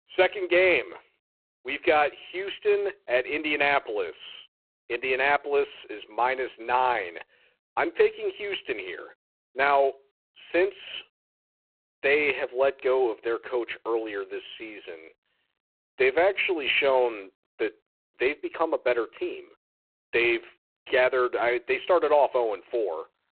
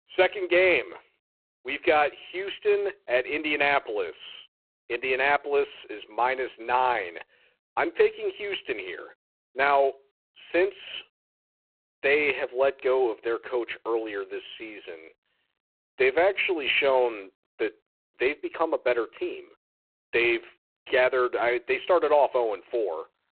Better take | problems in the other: neither | phone-call audio; poor line; the same in both

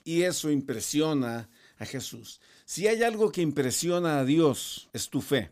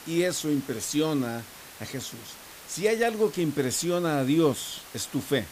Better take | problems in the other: first | hiss; noticeable; throughout; 15 dB below the speech

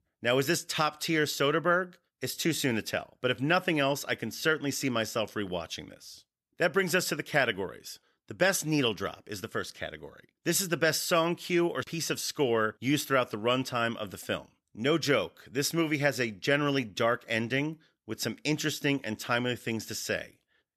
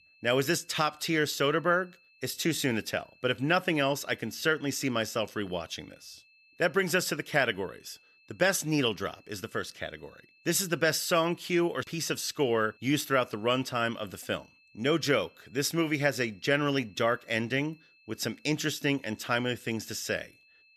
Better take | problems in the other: first | high-pitched whine; faint; throughout; 2.5 kHz, 30 dB below the speech

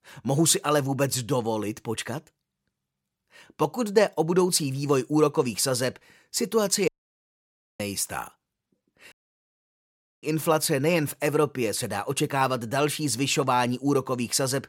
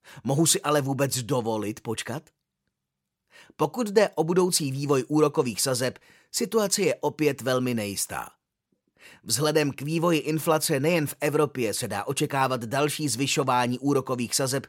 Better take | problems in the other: second | audio cutting out; at 7 s for 1 s and at 9 s for 1 s

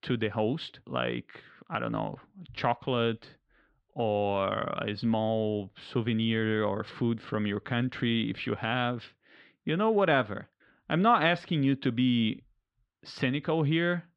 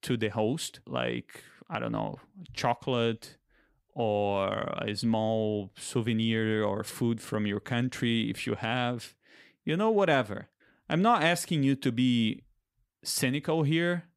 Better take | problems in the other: second | muffled; slightly; fading above 3.5 kHz

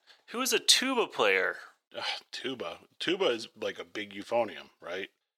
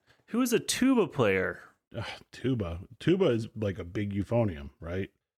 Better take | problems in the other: second | thin; somewhat; fading below 500 Hz

